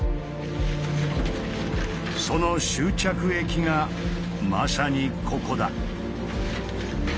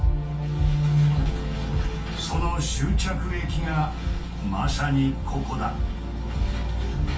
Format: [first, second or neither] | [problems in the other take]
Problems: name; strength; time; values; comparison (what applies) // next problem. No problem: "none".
first | room echo; dies away in 0.2 s